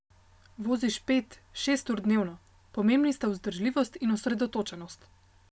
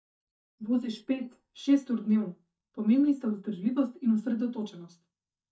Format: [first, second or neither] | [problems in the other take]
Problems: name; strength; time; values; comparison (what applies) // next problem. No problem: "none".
first | noise reduction (neural mask model DeepFilterNet 3)